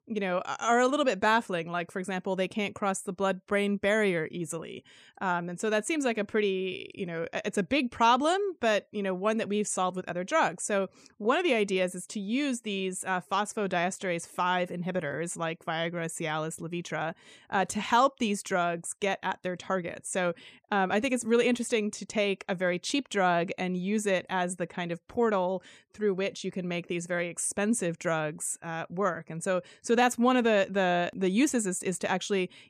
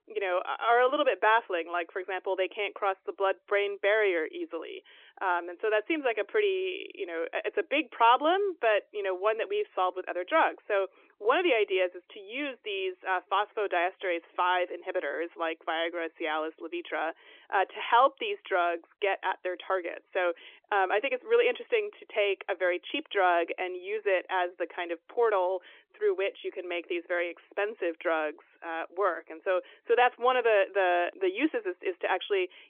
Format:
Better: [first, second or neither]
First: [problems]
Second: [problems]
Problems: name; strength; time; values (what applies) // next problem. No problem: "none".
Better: first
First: none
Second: phone-call audio; nothing above 3.5 kHz